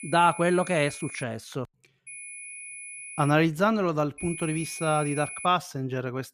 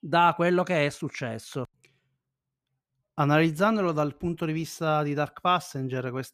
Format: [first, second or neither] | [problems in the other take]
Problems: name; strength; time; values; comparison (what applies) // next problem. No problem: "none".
second | high-pitched whine; noticeable; until 1 s, from 2 to 3.5 s and from 4 to 5.5 s; 2.5 kHz, 10 dB below the speech